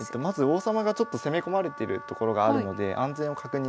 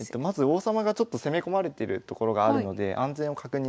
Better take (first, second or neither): second